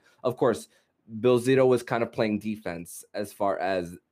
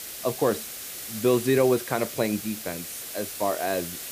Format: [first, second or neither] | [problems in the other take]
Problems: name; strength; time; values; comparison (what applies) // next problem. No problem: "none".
first | hiss; loud; throughout; 8 dB below the speech